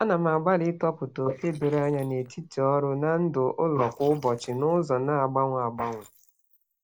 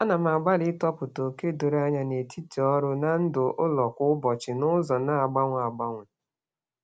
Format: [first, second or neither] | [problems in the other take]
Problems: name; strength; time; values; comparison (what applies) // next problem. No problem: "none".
second | noise reduction (neural mask model Resemble Enhance denoiser)